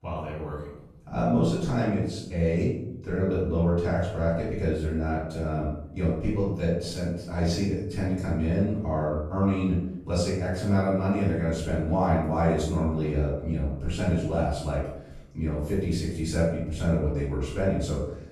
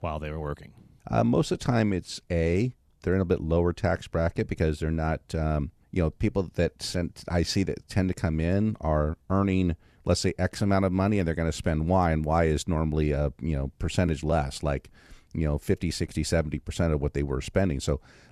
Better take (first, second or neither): second